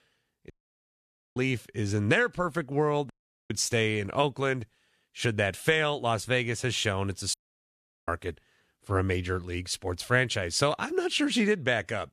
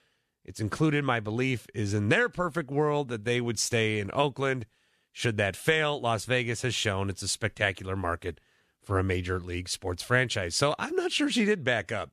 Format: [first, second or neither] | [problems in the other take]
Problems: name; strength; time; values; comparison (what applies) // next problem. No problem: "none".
second | audio cutting out; at 0.5 s for 1 s, at 3 s and at 7.5 s for 0.5 s